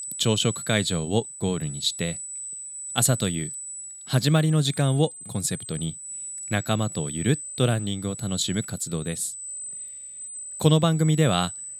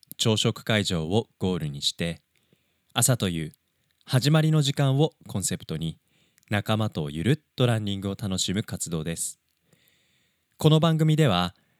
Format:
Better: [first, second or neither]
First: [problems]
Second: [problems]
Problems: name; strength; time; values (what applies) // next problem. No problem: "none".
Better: second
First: high-pitched whine; loud; throughout; 8 kHz, 9 dB below the speech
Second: none